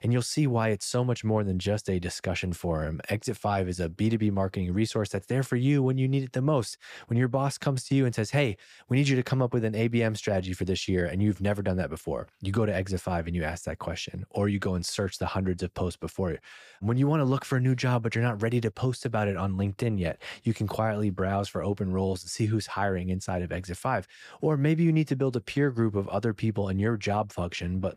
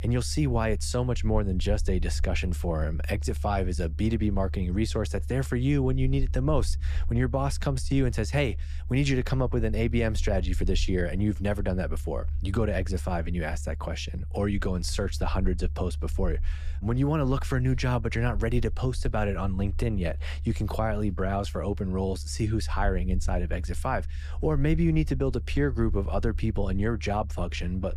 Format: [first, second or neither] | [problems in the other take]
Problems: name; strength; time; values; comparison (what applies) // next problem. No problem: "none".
first | low rumble; faint; throughout; 20 dB below the speech